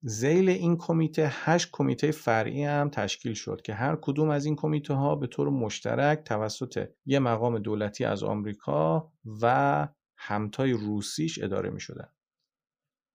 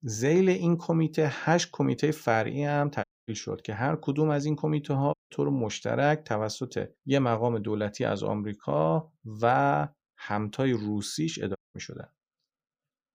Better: first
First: none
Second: audio cutting out; at 3 s, at 5 s and at 12 s

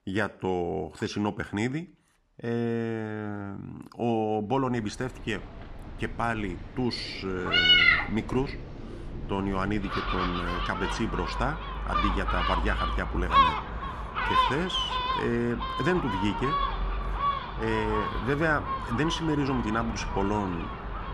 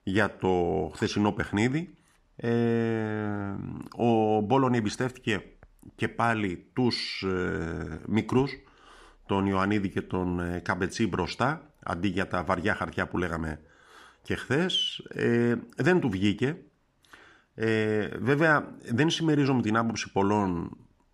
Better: second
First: animal sounds; very loud; from 5 s on; 3 dB above the speech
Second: none

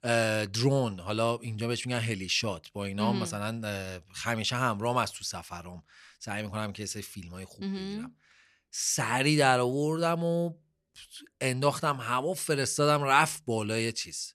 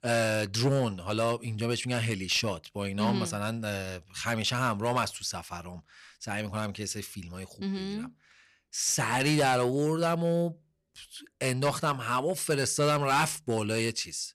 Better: first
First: none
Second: distortion; slight; 4% of the sound clipped

